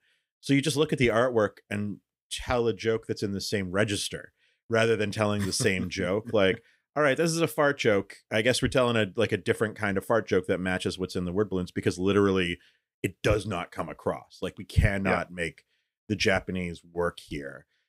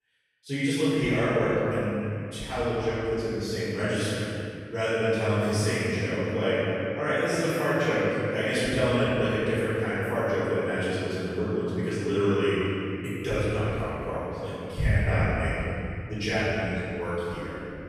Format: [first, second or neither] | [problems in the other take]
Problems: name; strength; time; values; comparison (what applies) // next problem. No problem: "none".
first | room echo; strong; dies away in 2.6 s // off-mic speech; far